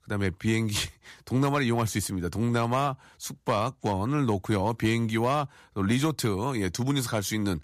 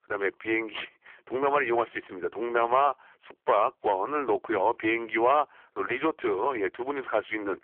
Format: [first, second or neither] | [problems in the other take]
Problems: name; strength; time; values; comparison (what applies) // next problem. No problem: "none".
first | phone-call audio; poor line; nothing above 3 kHz